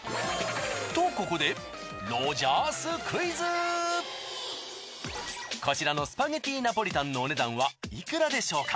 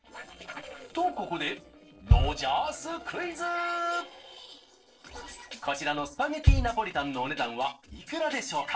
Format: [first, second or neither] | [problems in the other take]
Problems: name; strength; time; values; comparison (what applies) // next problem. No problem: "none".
first | noise reduction (neural separator model SepFormer DNS4)